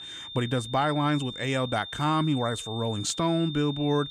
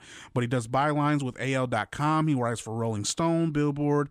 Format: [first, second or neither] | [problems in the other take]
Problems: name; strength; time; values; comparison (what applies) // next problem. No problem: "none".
second | high-pitched whine; loud; throughout; 3.5 kHz, 10 dB below the speech